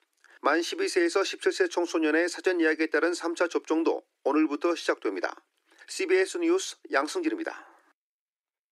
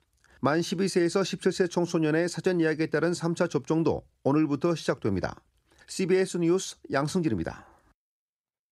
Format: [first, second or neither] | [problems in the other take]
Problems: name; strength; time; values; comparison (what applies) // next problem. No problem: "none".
second | thin; very; fading below 300 Hz